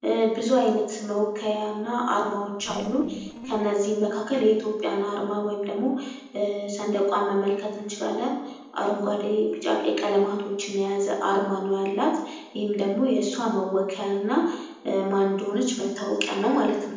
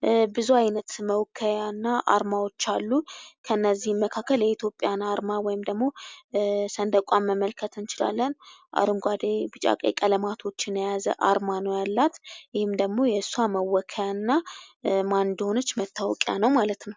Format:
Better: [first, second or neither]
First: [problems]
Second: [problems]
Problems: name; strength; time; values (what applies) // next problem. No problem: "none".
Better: second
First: noise reduction (neural separator model SepFormer DNS4)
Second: none